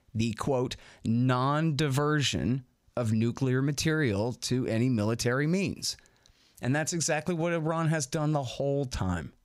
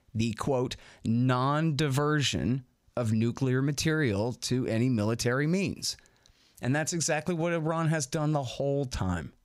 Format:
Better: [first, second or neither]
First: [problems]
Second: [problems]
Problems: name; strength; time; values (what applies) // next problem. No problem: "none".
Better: neither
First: none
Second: none